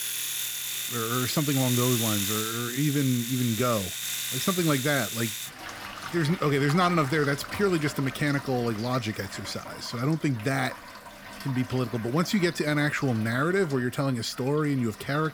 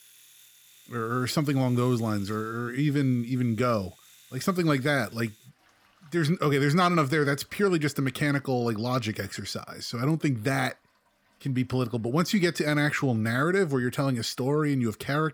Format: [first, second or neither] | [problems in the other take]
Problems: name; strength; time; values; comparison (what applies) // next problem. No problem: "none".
second | household noises; loud; throughout; 6 dB below the speech; faint in the second